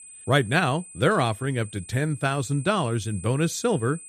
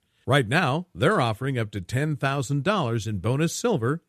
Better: second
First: high-pitched whine; noticeable; throughout; 8 kHz, 15 dB below the speech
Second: none

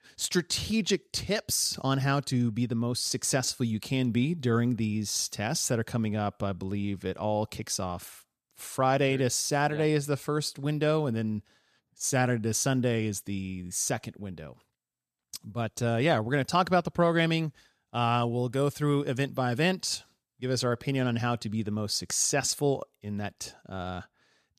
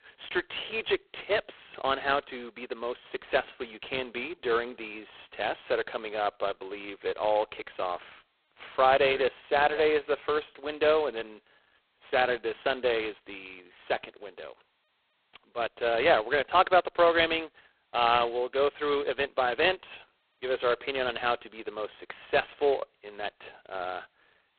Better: first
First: none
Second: phone-call audio; poor line; nothing above 4 kHz

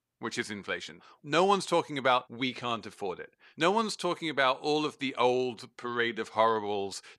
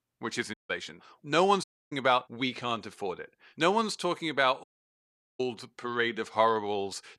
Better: first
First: none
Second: audio cutting out; at 0.5 s, at 1.5 s and at 4.5 s for 1 s

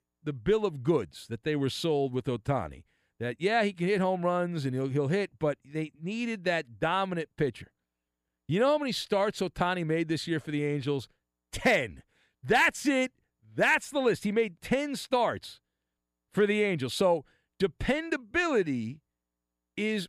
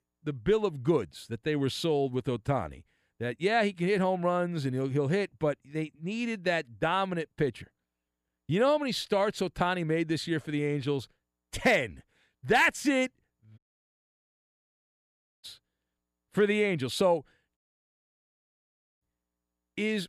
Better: first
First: none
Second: audio cutting out; at 14 s for 2 s and at 18 s for 1.5 s

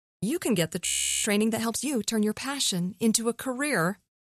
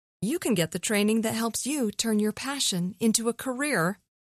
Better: second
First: audio freezing; at 1 s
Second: none

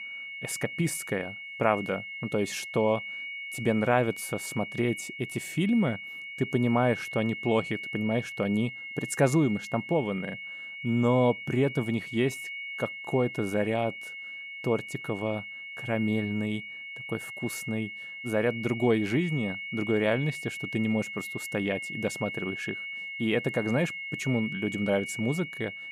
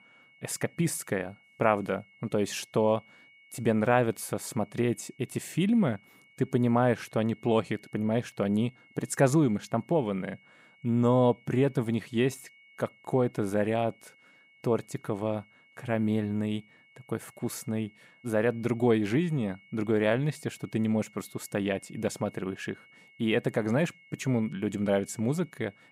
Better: second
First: high-pitched whine; loud; throughout; 2 kHz, 7 dB below the speech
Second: high-pitched whine; faint; throughout; 2 kHz, 30 dB below the speech

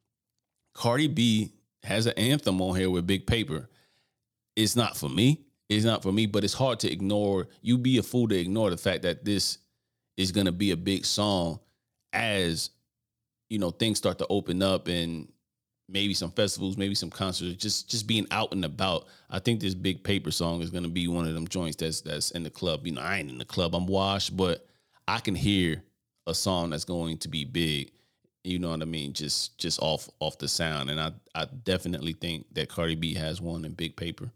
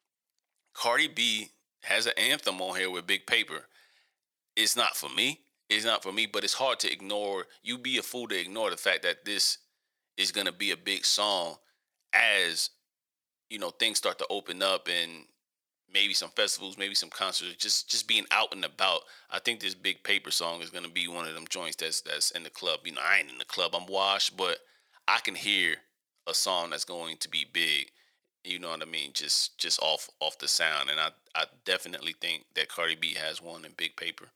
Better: first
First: none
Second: thin; very; fading below 700 Hz

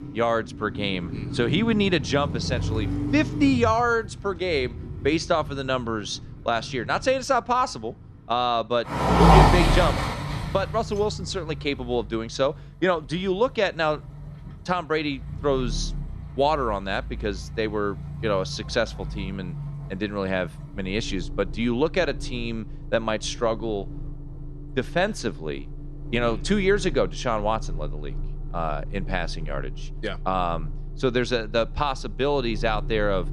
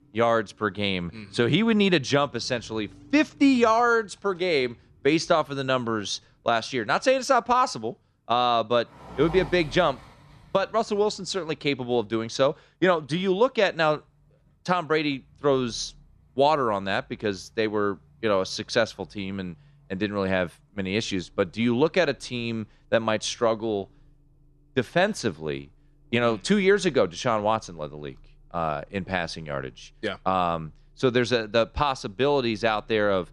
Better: second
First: traffic noise; loud; throughout; 4 dB below the speech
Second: traffic noise; faint; throughout; 25 dB below the speech

